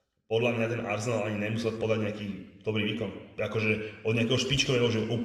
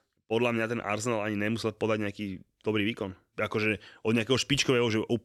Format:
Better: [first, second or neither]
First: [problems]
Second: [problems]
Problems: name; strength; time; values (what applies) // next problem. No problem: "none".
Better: second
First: room echo; slight; dies away in 1 s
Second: none